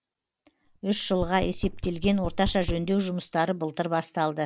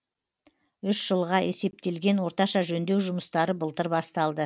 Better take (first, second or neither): second